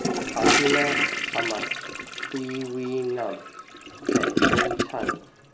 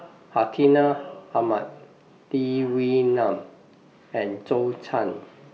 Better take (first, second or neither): second